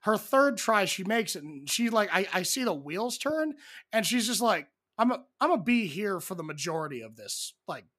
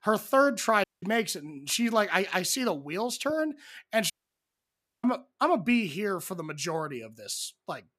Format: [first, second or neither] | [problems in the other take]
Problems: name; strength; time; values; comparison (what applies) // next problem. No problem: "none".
first | audio cutting out; at 1 s and at 4 s for 1 s